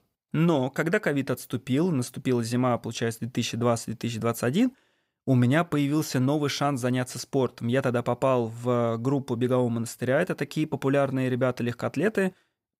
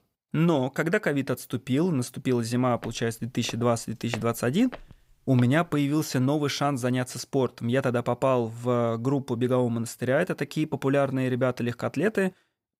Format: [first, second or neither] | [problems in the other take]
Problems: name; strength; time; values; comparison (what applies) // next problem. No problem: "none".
first | footsteps; faint; from 3 to 5.5 s; peak 10 dB below the speech